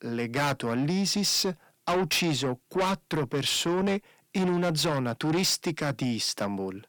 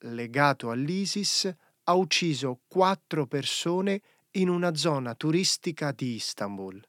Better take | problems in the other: second | distortion; heavy; 6 dB below the speech

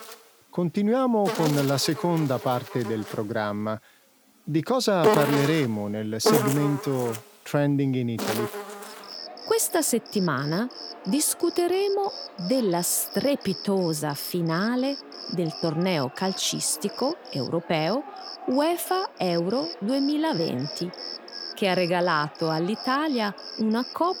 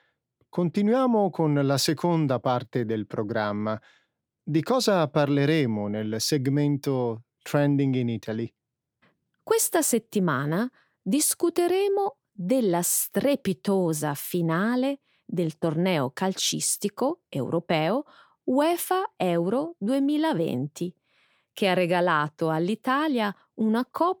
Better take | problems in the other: second | animal sounds; loud; throughout; 7 dB below the speech

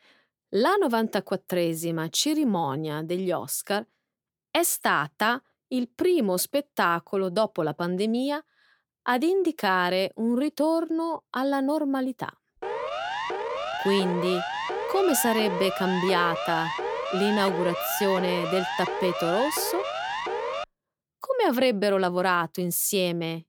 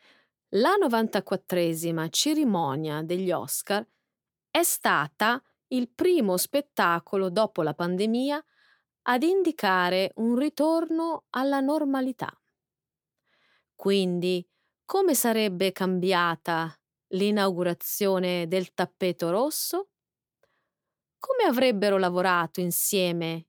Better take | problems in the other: second | siren; noticeable; from 13 to 21 s; peak 4 dB below the speech

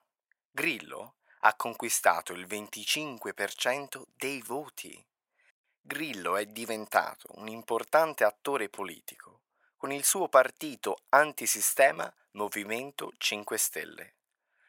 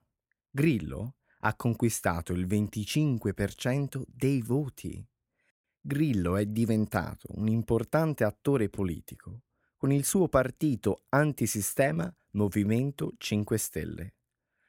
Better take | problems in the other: second | thin; very; fading below 750 Hz

